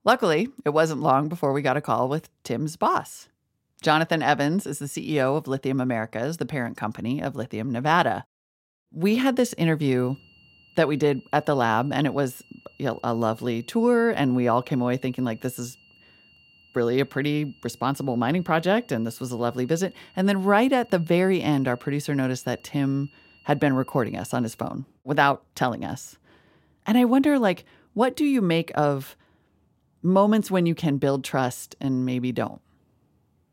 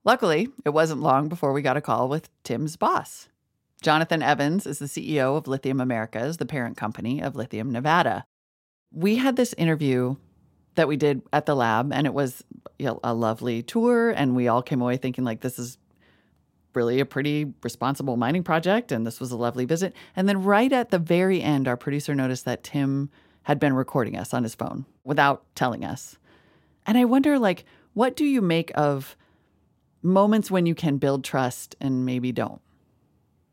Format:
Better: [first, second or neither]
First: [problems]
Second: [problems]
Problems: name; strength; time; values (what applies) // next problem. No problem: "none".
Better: second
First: high-pitched whine; faint; from 10 to 25 s; 3 kHz, 30 dB below the speech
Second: none